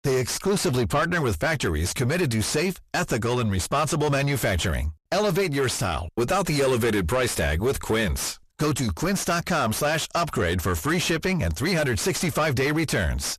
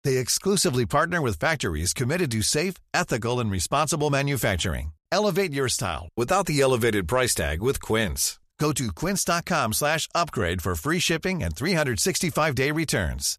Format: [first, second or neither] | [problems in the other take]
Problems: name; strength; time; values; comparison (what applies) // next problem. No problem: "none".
second | distortion; heavy; 7 dB below the speech